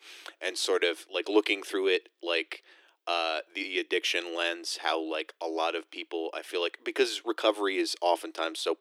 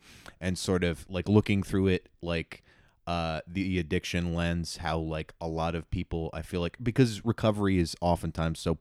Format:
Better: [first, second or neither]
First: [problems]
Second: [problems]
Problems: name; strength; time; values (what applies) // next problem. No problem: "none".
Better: second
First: thin; very; fading below 300 Hz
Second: none